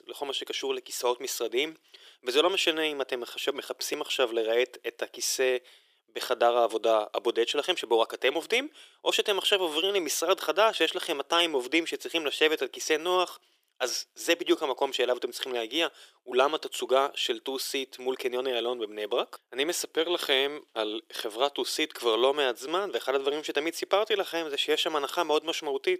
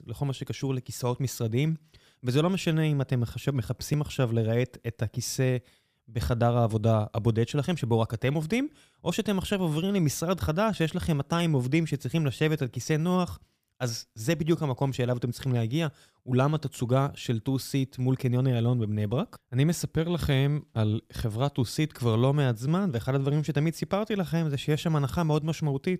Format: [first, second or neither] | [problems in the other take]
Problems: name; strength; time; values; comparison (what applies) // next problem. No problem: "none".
second | thin; very; fading below 350 Hz